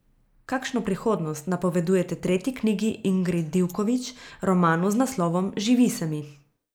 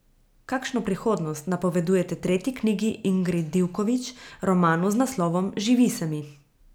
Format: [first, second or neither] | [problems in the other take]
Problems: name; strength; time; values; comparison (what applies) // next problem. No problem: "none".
second | noise reduction (neural mask model Resemble Enhance denoiser)